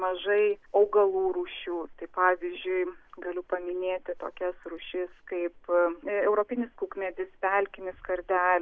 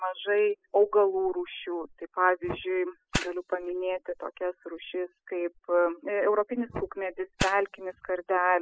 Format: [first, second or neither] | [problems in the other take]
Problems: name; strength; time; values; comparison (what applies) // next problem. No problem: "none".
first | noise reduction (classical method spectral subtraction)